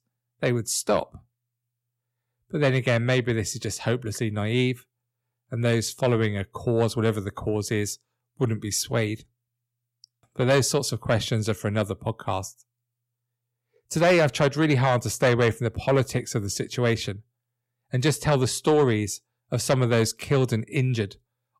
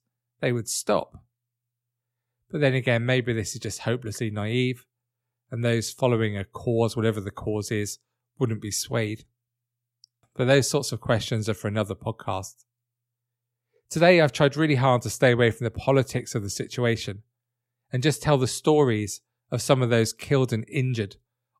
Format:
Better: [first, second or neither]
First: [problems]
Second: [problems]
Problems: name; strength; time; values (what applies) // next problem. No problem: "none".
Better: second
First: distortion; slight; 10 dB below the speech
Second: none